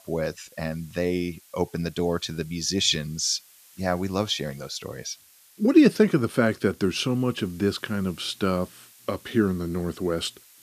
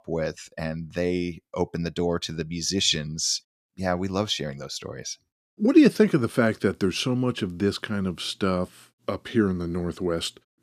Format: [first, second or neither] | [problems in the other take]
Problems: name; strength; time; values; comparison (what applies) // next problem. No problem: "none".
second | hiss; faint; throughout; 25 dB below the speech